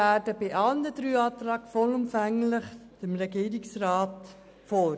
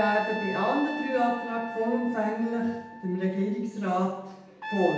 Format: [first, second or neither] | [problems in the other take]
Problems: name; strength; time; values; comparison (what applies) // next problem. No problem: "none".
first | background sound (Trumpet); 11 dB below the speech // room echo; dies away in 0.8 s